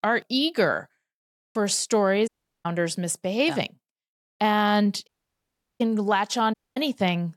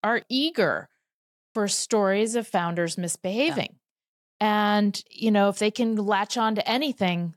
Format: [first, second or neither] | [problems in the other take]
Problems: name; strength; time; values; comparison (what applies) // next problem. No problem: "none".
second | audio cutting out; at 2.5 s, at 5 s for 0.5 s and at 6.5 s